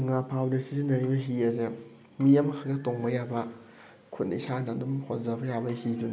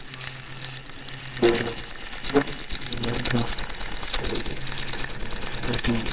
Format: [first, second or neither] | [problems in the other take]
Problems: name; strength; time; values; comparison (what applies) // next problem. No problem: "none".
first | noise reduction (neural separator model SepFormer WHAMR!)